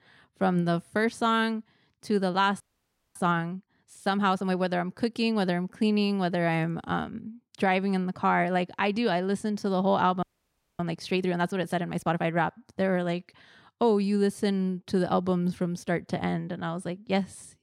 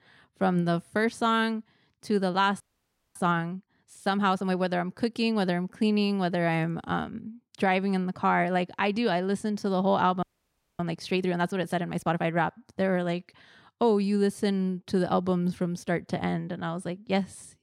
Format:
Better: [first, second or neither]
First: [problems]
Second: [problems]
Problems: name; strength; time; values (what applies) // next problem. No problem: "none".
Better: neither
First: audio freezing; at 2.5 s for 0.5 s and at 10 s for 0.5 s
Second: audio freezing; at 2.5 s for 0.5 s and at 10 s for 0.5 s